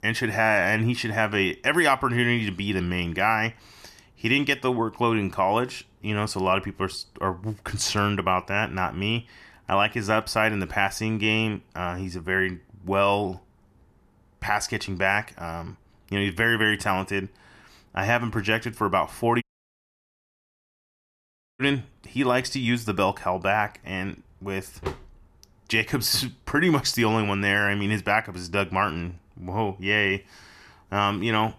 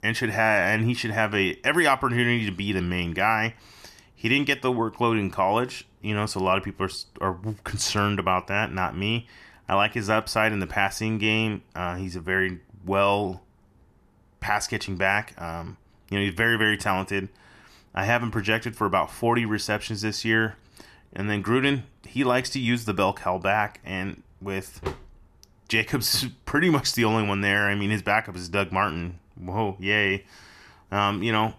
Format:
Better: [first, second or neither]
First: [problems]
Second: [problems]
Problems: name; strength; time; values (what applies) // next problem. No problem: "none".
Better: second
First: audio cutting out; at 19 s for 2 s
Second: none